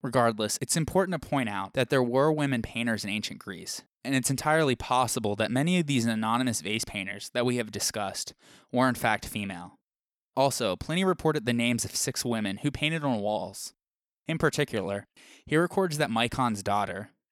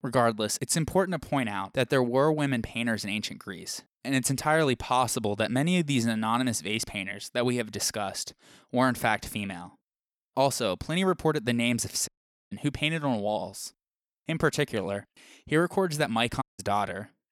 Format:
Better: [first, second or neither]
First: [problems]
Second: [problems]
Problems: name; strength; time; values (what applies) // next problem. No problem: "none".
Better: first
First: none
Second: audio cutting out; at 12 s and at 16 s